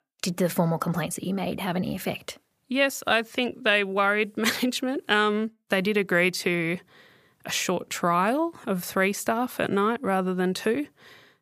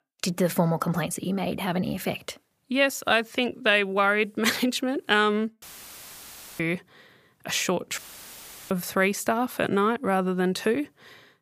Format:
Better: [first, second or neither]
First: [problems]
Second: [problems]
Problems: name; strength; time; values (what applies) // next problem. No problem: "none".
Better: first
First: none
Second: audio cutting out; filled with static; at 5.5 s for 1 s and at 8 s for 0.5 s